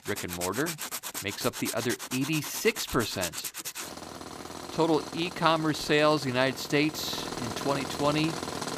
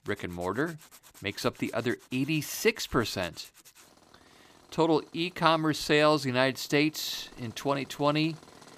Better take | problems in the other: second | machinery noise; loud; throughout; 7 dB below the speech; faint in the second

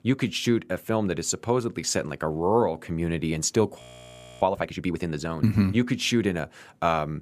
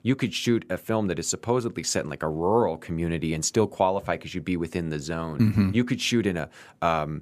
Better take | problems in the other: second | audio freezing; at 4 s for 0.5 s

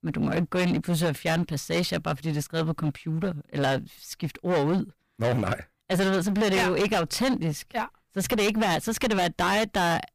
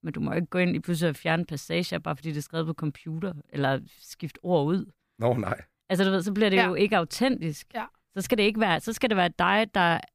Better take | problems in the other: second | distortion; heavy; 18% of the sound clipped

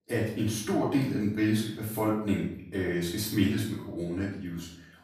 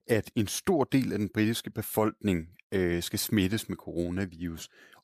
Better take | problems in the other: second | off-mic speech; far // room echo; noticeable; dies away in 0.6 s

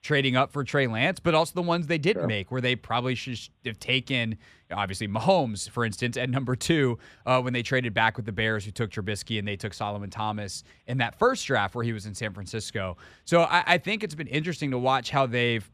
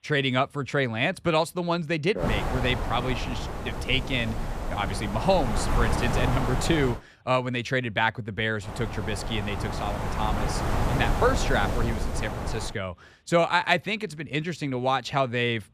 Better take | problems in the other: first | wind noise on the microphone; heavy; from 2 to 7 s and from 8.5 to 13 s; 6 dB below the speech

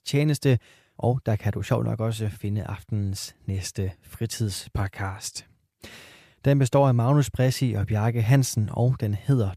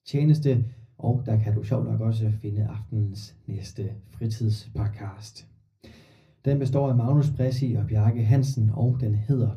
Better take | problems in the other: first | room echo; very slight; dies away in 0.4 s // off-mic speech; somewhat distant

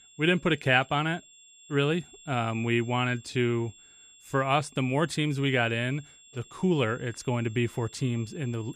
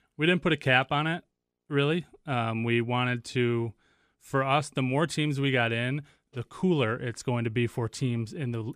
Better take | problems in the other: second | high-pitched whine; faint; throughout; 7.5 kHz, 25 dB below the speech

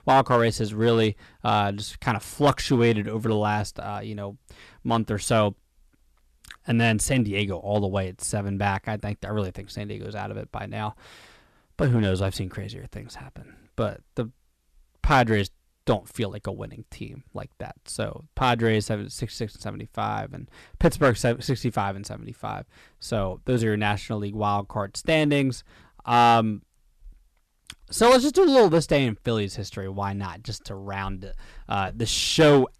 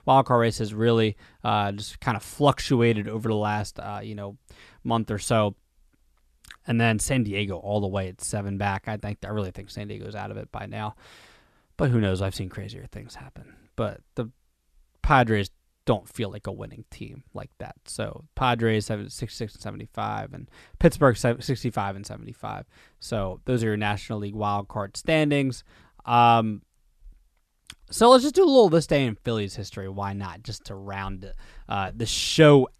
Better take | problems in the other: second | distortion; slight; 2% of the sound clipped

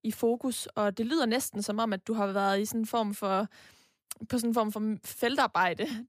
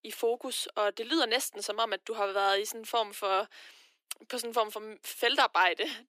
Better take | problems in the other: first | thin; very; fading below 350 Hz

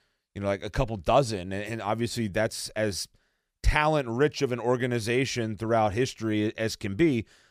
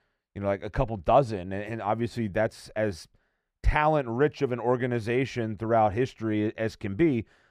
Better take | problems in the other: first | muffled; slightly; fading above 3 kHz

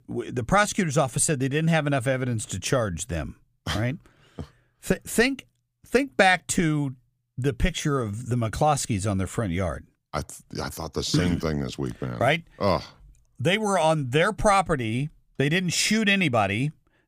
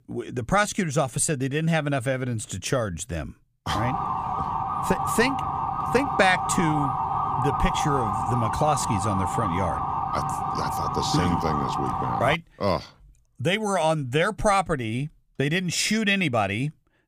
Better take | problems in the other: first | siren; loud; from 3.5 to 12 s; peak level with the speech

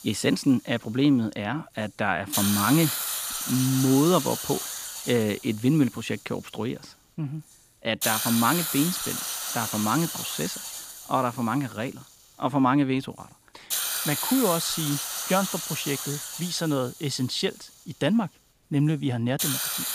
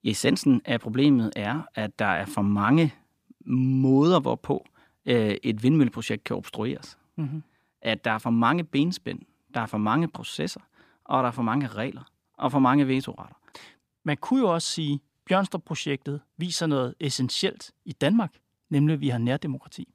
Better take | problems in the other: second | hiss; loud; throughout; 2 dB below the speech

